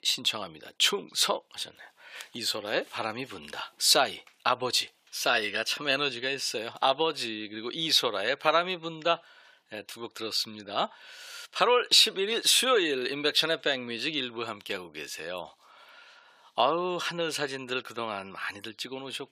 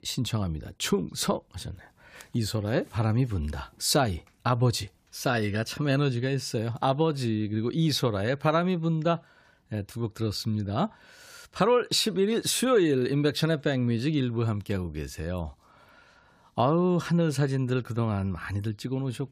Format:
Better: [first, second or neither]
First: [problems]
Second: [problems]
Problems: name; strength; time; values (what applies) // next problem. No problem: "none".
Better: second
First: thin; very; fading below 550 Hz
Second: none